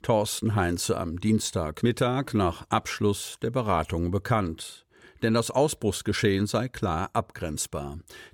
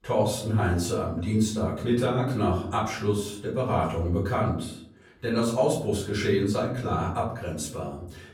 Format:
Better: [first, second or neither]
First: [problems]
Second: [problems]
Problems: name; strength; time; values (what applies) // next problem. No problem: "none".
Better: first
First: none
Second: room echo; noticeable; dies away in 0.6 s // off-mic speech; far